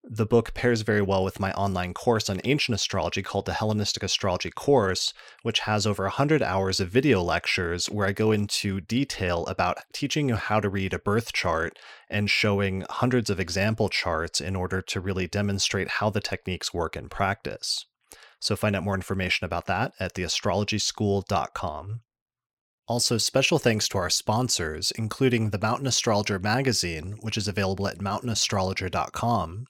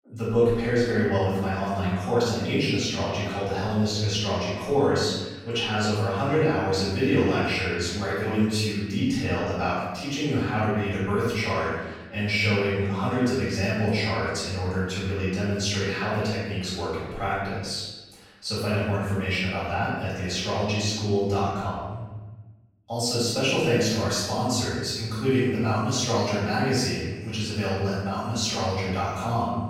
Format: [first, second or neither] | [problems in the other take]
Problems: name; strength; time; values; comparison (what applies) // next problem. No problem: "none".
first | off-mic speech; far // room echo; strong; dies away in 1.2 s